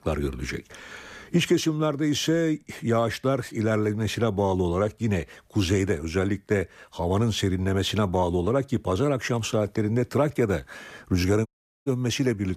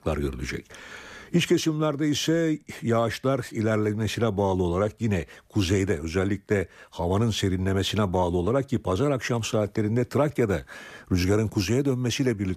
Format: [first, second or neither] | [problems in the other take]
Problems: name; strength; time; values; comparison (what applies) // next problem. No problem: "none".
second | audio cutting out; at 11 s